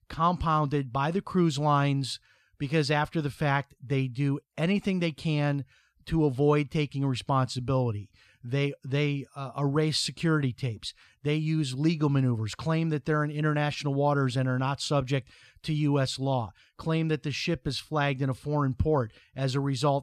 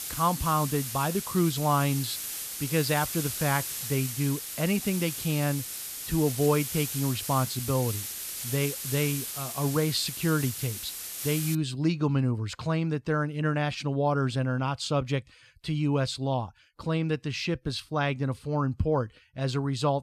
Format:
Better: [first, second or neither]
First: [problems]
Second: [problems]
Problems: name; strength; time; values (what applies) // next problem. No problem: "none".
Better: first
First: none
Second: hiss; loud; until 12 s; 5 dB below the speech